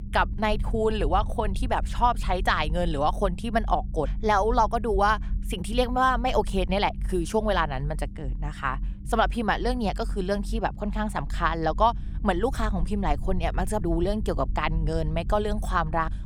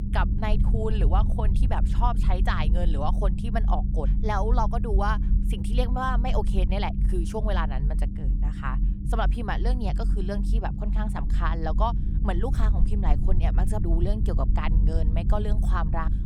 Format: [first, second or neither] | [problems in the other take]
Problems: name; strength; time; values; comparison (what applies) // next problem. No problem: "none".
first | low rumble; loud; throughout; 10 dB below the speech; faint in the first